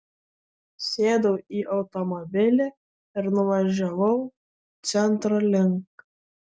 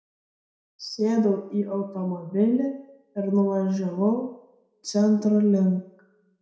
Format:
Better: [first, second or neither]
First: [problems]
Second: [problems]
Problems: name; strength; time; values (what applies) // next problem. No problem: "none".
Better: first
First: none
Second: room echo; dies away in 0.6 s